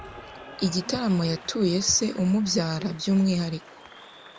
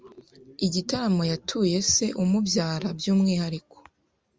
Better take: second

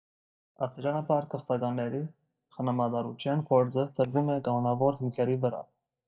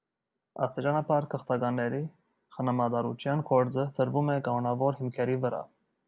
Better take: second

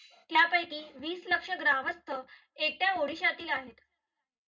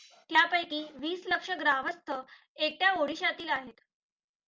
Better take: second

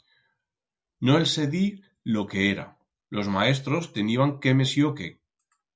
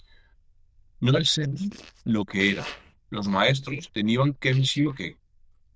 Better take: first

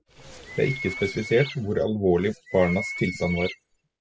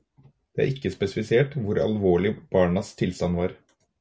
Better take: second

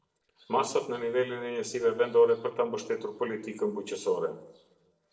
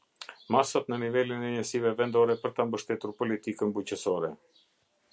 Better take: second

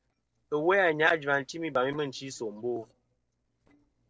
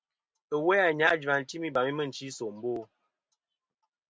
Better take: second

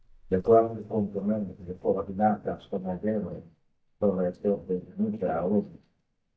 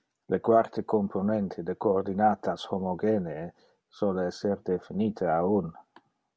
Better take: second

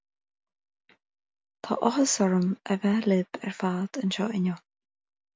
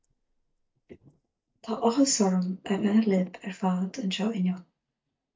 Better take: first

